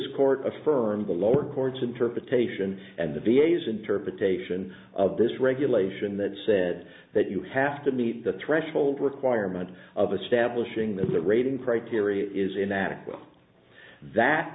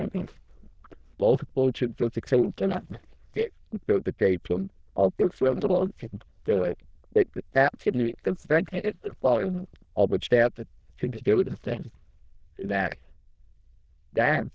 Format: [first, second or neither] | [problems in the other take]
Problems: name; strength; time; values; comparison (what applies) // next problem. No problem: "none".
first | noise reduction (neural diffusion model UNIVERSE++)